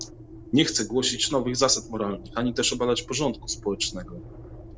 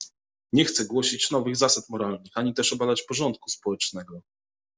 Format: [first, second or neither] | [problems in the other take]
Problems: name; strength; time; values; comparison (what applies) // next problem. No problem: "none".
second | background sound (Engine); 15 dB below the speech